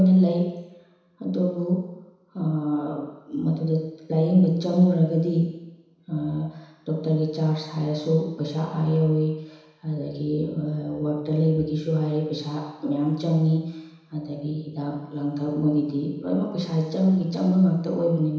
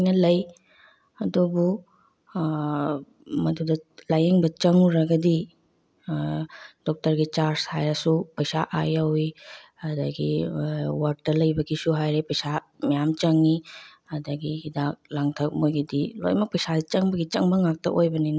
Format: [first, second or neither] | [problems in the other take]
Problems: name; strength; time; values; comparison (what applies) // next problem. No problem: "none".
second | room echo; dies away in 1 s